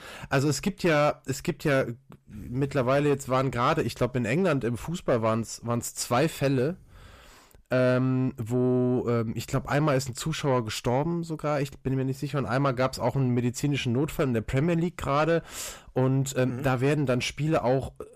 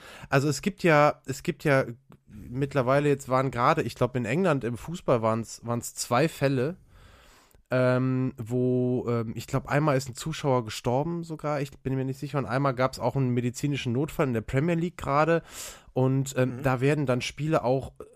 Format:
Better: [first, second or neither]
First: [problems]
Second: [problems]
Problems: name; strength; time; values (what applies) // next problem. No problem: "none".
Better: second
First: distortion; slight; 10 dB below the speech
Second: none